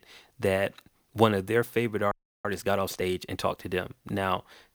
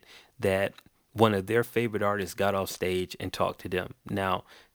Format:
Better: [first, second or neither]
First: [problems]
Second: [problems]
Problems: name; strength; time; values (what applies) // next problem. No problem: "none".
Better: second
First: audio freezing; at 2 s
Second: none